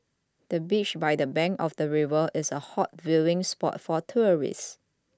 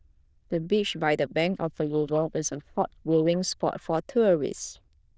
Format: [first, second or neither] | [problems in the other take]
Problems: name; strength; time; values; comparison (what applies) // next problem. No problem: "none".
first | noise reduction (neural diffusion model UNIVERSE++)